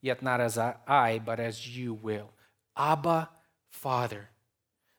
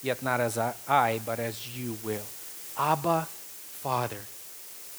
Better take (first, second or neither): first